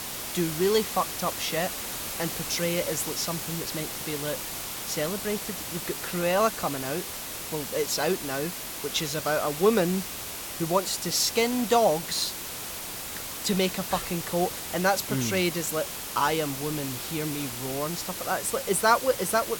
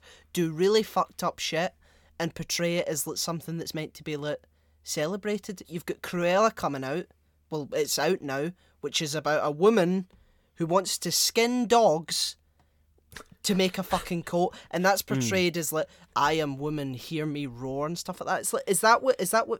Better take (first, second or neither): second